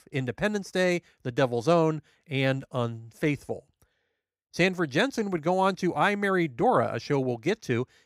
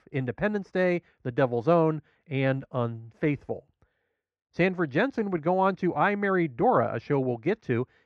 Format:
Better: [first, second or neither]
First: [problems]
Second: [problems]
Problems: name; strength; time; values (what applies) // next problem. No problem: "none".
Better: first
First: none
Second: muffled; slightly; fading above 2 kHz